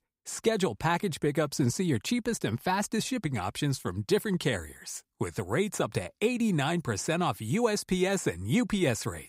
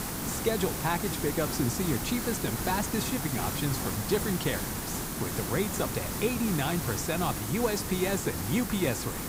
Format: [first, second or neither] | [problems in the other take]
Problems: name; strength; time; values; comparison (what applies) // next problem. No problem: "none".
first | hiss; loud; throughout; 2 dB below the speech